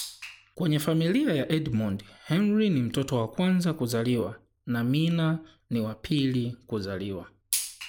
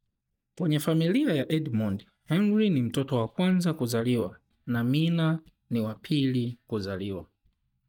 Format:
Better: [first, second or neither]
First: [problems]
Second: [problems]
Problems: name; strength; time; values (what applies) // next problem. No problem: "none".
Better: first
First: none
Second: noise reduction (neural mask model DeepFilterNet 3)